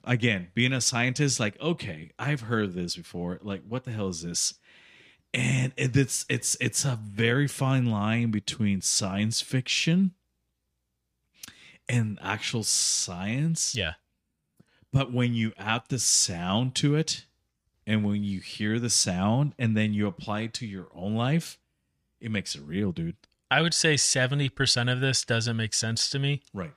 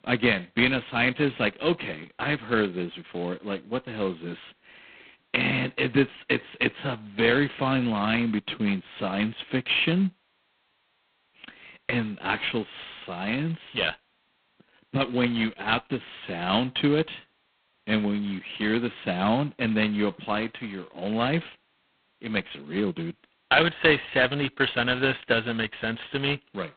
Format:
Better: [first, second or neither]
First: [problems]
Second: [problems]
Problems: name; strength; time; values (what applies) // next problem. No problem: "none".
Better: first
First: none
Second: phone-call audio; poor line; nothing above 3.5 kHz